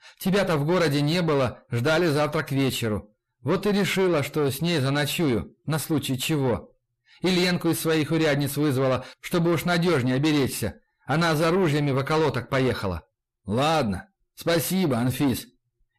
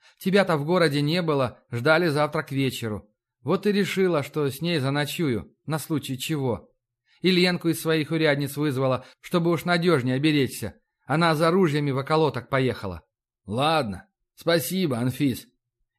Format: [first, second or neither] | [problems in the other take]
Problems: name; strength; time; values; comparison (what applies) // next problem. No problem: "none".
second | distortion; heavy; 7 dB below the speech